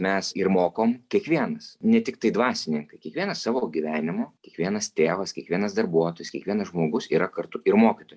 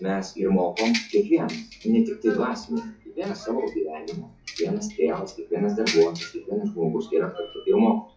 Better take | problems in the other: first | noise reduction (classical method WPE with log-MMSE)

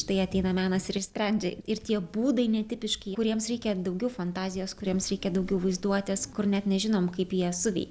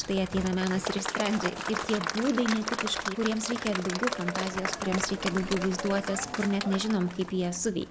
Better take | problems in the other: first | background sound (Applause / Crowd); 5 dB below the speech

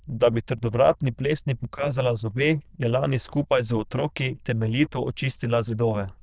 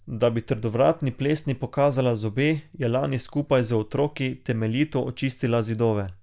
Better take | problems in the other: second | noise reduction (neural diffusion model UNIVERSE++)

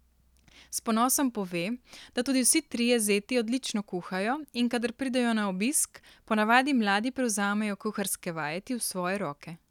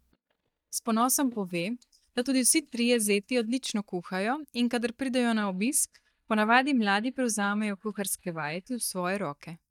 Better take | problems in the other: first | noise reduction (neural mask model DeepFilterNet 3)

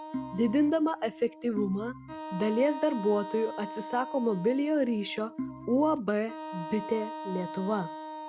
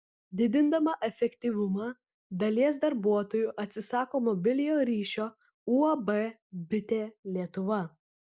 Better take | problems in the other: second | background sound (Organ + Wind instrument, woodwind instrument); 10 dB below the speech

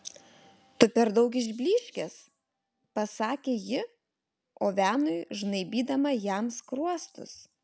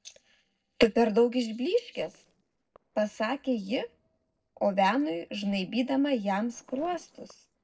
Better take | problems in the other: first | noise reduction (neural separator model SepFormer DNS4)

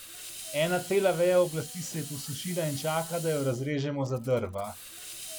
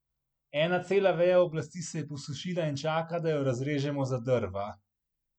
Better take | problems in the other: second | background sound (Hiss); 13 dB below the speech

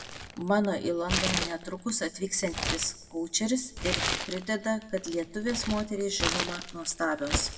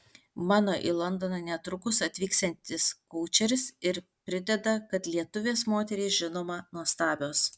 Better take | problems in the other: second | background sound (Crumpling, crinkling); 4 dB below the speech // room echo; dies away in 1.3 s

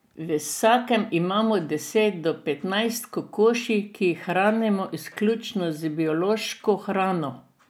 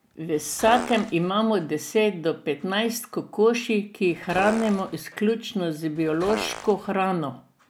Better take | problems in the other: first | background sound (Fart); 11 dB below the speech

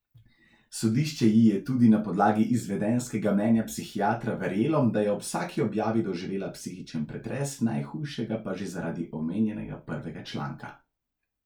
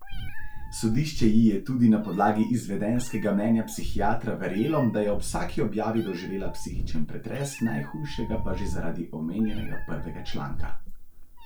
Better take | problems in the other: first | background sound (Meow); 2 dB below the speech

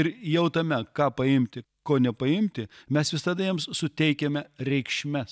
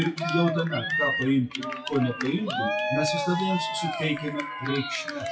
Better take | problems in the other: first | noise reduction (classical method WPE with log-MMSE)

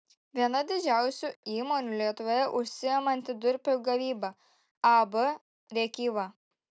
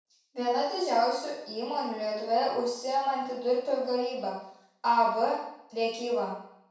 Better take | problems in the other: first | room echo; dies away in 0.7 s

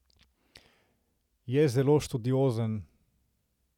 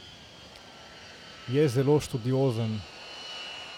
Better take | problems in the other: first | background sound (Fixed-wing aircraft, airplane); 15 dB below the speech

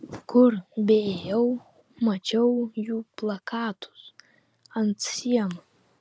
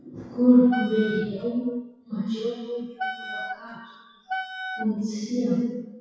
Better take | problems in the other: first | noise reduction (classical method WPE with log-MMSE)

